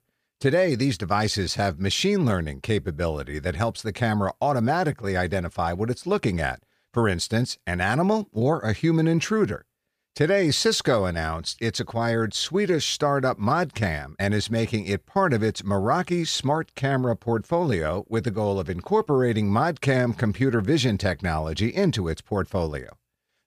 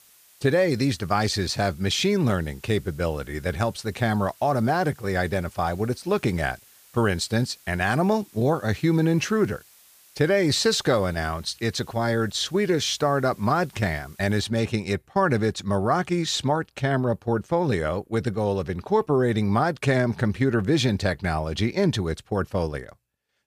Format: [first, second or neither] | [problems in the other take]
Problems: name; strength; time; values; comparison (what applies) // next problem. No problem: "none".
first | hiss; faint; until 14 s; 25 dB below the speech